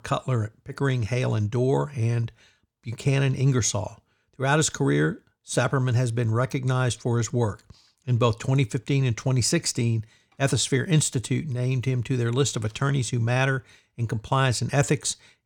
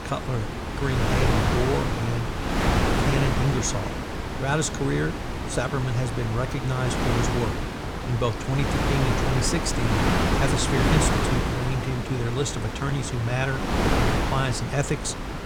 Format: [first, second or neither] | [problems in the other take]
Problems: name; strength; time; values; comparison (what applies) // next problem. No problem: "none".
first | wind noise on the microphone; heavy; 2 dB above the speech